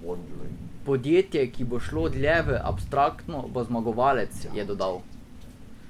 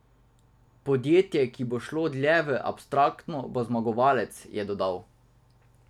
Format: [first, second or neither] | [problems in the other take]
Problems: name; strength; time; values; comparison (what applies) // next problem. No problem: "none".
second | background sound (Crow); 6 dB below the speech